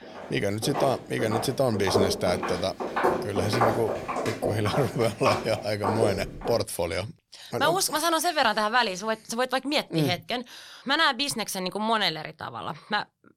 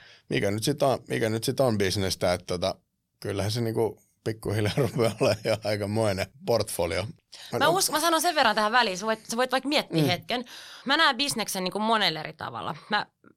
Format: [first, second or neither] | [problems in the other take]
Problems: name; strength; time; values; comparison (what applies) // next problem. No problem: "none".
second | footsteps; loud; until 6.5 s; peak 2 dB above the speech